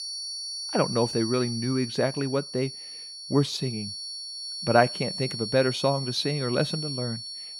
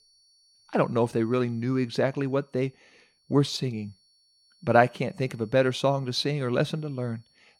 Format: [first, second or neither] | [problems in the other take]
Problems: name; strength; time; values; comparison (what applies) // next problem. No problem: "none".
second | high-pitched whine; loud; throughout; 4.5 kHz, 6 dB below the speech; faint in the second